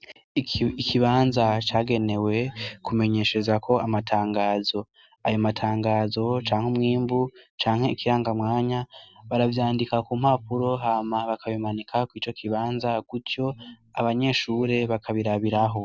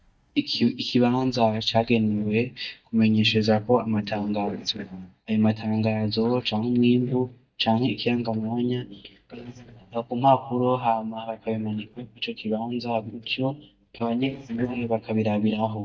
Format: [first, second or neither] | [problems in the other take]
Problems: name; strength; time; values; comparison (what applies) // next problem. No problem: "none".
first | noise reduction (neural mask model DeepFilterNet 3)